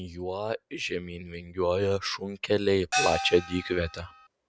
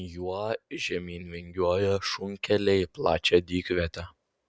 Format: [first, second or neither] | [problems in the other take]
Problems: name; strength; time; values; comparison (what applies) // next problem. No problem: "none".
second | background sound (Gong); 3 dB below the speech